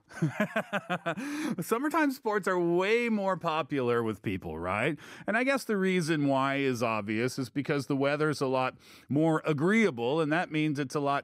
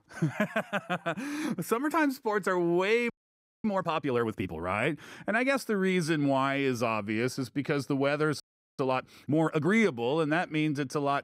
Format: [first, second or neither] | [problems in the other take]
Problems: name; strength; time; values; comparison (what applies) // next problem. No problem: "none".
first | audio freezing; at 3 s for 0.5 s and at 8.5 s